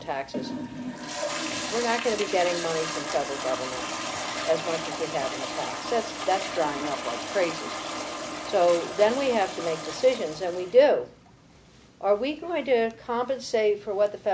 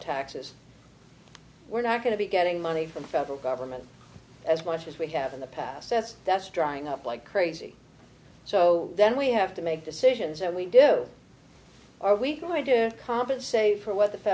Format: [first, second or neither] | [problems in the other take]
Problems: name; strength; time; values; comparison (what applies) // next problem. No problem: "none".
second | background sound (Toilet flush); 7 dB below the speech